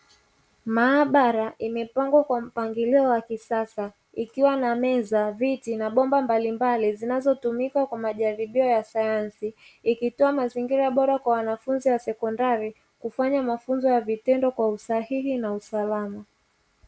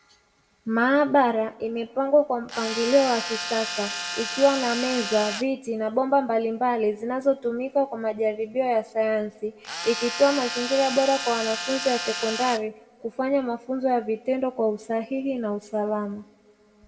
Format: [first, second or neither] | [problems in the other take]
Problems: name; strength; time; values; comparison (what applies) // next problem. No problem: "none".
first | background sound (Tools); 7 dB below the speech // room echo; dies away in 1.4 s